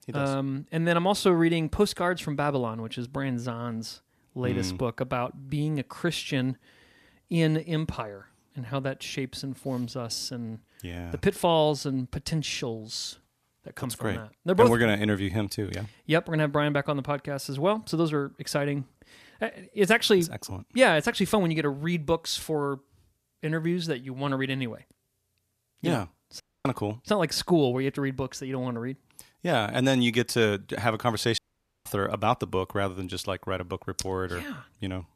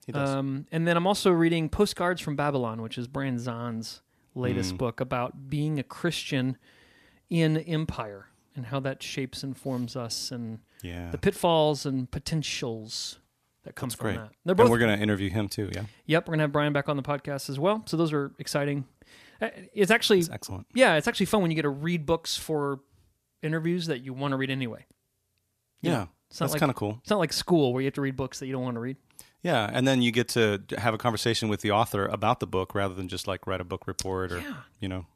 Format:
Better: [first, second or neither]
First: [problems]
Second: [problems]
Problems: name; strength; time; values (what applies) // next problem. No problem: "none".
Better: second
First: audio cutting out; at 26 s and at 31 s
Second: none